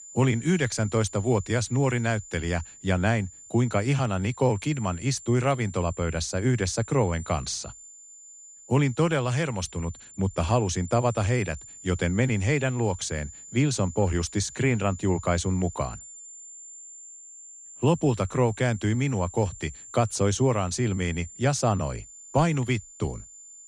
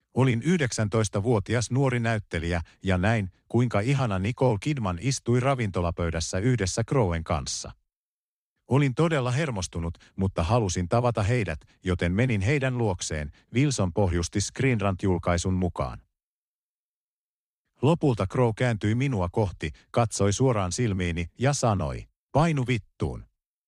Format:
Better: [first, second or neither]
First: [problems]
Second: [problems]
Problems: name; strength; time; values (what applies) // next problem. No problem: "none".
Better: second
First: high-pitched whine; noticeable; throughout; 7.5 kHz, 15 dB below the speech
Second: none